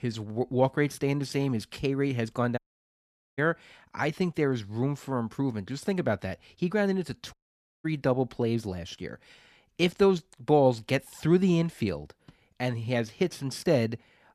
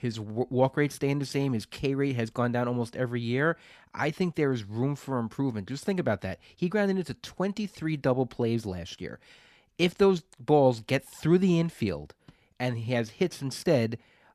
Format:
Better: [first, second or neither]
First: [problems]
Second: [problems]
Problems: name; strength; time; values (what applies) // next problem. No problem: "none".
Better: second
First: audio cutting out; at 2.5 s for 1 s and at 7.5 s for 0.5 s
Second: none